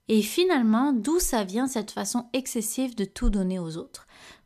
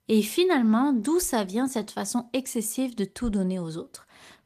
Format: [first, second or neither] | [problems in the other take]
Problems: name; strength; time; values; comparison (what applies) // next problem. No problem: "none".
first | garbled, watery; slightly; nothing above 14.5 kHz